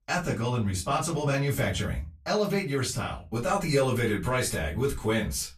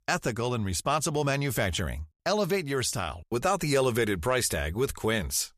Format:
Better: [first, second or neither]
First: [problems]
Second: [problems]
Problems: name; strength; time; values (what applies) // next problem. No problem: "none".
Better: second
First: off-mic speech; far // room echo; very slight; dies away in 0.2 s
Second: none